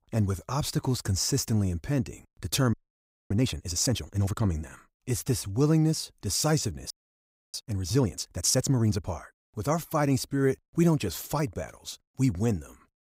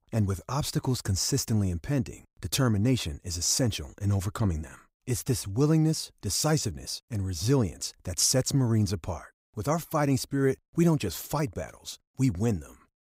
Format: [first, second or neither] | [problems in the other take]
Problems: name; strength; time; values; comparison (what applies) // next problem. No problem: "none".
second | audio freezing; at 2.5 s for 0.5 s and at 7 s for 0.5 s